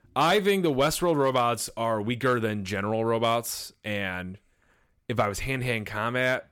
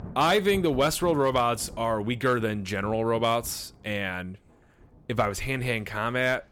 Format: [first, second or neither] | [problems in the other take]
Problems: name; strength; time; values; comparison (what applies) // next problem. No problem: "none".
first | rain or running water; faint; throughout; 20 dB below the speech